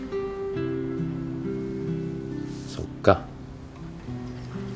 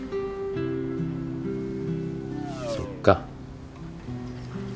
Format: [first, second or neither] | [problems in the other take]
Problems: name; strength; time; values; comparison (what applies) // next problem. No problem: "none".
first | background sound (Race car, auto racing); 10 dB below the speech